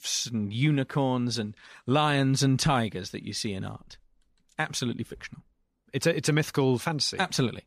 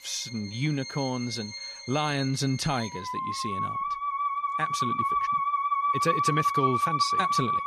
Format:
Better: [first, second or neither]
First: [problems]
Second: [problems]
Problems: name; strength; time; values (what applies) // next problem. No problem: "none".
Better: first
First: none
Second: background music; very loud; throughout; 2 dB above the speech